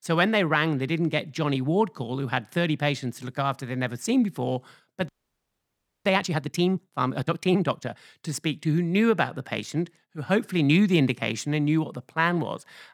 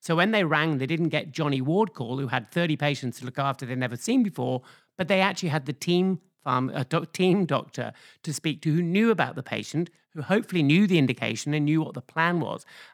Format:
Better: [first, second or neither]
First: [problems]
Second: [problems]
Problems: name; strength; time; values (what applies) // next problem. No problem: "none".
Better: second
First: audio freezing; at 5 s for 1 s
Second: none